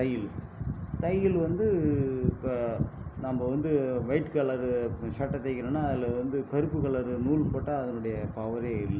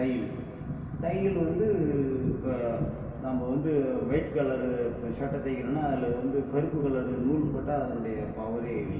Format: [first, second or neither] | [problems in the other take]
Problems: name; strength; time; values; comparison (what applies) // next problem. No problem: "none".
first | background sound (Bowed string instrument); 19 dB below the speech // room echo; dies away in 2.3 s